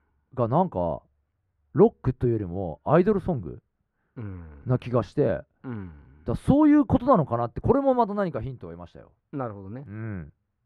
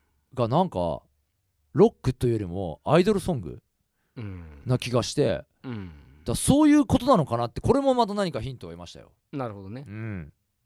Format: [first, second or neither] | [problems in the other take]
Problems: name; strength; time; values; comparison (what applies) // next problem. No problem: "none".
second | muffled; very; fading above 3 kHz